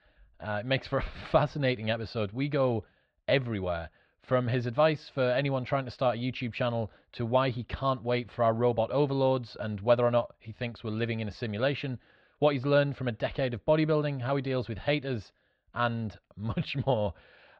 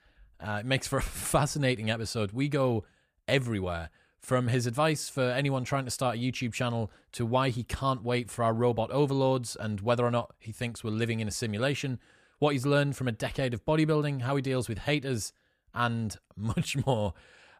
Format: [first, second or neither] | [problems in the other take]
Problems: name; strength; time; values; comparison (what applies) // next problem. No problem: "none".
second | muffled; slightly; fading above 4 kHz